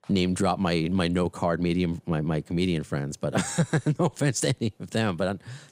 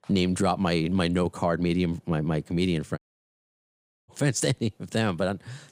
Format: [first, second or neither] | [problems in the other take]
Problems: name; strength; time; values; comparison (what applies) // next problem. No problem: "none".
first | audio cutting out; at 3 s for 1 s